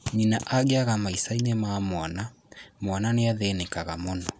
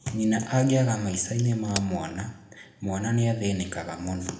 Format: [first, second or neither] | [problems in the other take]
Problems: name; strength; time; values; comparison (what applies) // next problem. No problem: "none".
first | background sound (Crack); 15 dB below the speech // room echo; dies away in 0.7 s